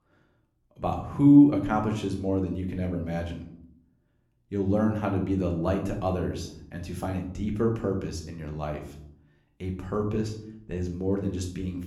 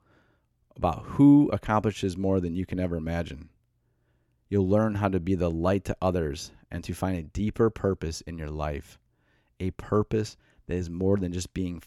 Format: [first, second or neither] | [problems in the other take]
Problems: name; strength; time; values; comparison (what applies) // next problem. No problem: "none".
second | room echo; slight; dies away in 0.5 s // off-mic speech; somewhat distant